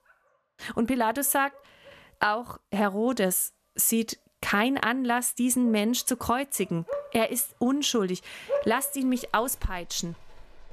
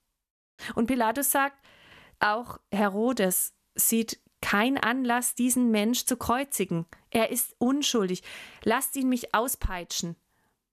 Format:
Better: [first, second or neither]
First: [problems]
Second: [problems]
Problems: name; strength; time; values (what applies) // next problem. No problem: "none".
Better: second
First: animal sounds; noticeable; throughout; 10 dB below the speech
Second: none